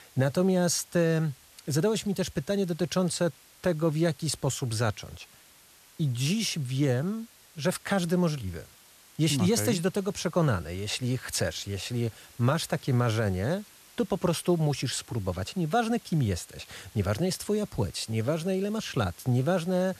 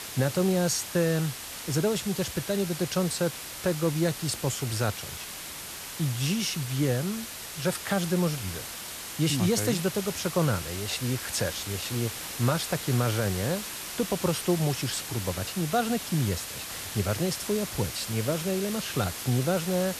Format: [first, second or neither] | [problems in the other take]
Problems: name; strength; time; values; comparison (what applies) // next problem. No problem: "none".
first | hiss; loud; throughout; 7 dB below the speech; faint in the first